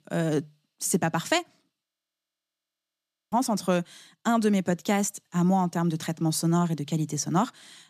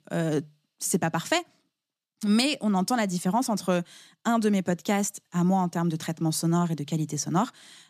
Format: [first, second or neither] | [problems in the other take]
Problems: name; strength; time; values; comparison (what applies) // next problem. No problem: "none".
second | audio freezing; at 2 s for 1.5 s